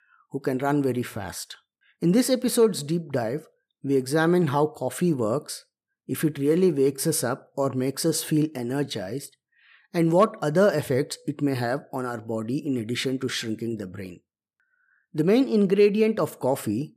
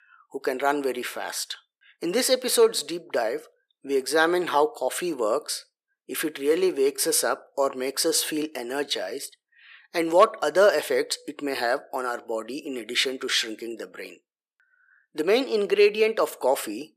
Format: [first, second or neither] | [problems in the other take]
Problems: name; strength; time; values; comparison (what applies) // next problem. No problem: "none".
first | thin; somewhat; fading below 400 Hz